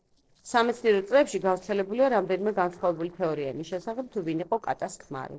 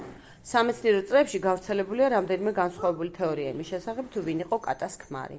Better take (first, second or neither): second